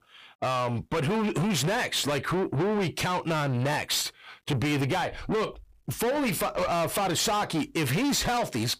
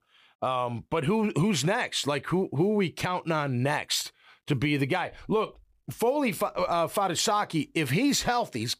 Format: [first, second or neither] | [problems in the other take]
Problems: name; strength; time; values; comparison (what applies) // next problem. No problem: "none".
second | distortion; heavy; 7 dB below the speech